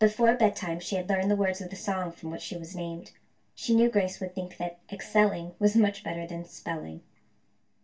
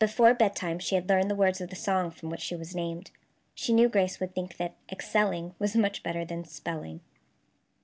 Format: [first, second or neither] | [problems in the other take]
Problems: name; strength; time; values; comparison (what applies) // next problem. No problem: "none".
second | room echo; dies away in 0.2 s